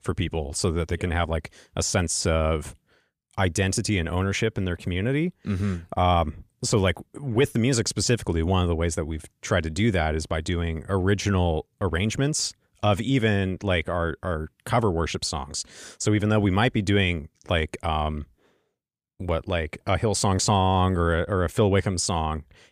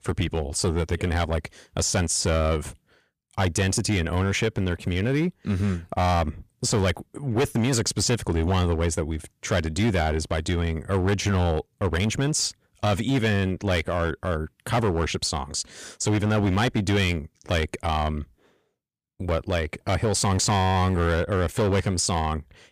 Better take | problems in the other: first | distortion; slight; 10% of the sound clipped

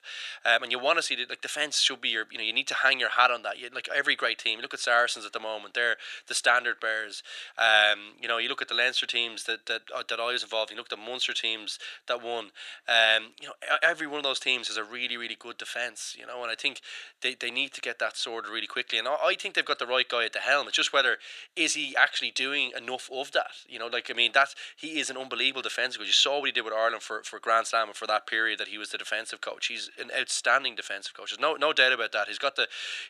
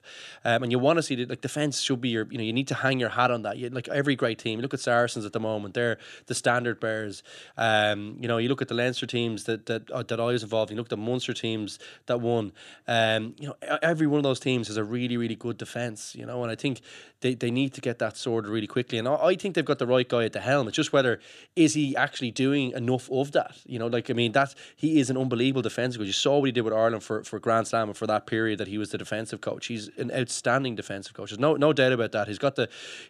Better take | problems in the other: second | thin; very; fading below 750 Hz

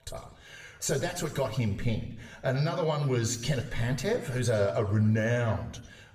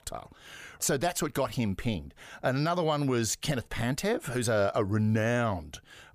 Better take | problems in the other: second | room echo; slight; dies away in 0.8 s // off-mic speech; somewhat distant

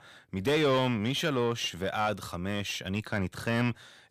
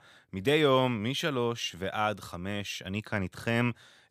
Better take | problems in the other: second | distortion; slight; 10 dB below the speech

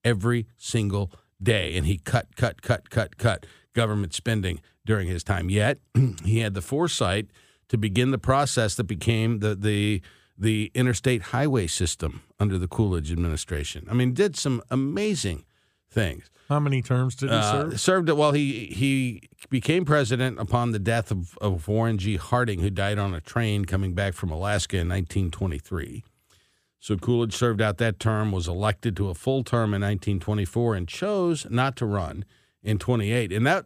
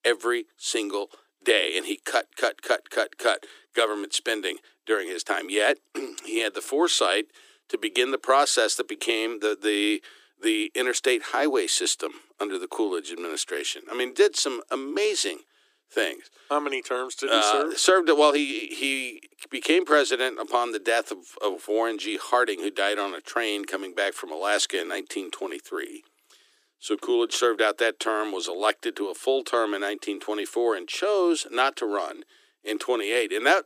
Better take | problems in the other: first | thin; very; fading below 300 Hz

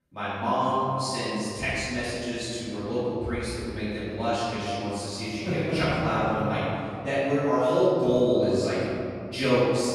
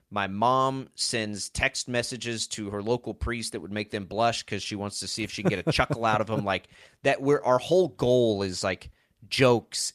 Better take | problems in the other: second | off-mic speech; far // room echo; strong; dies away in 2.8 s

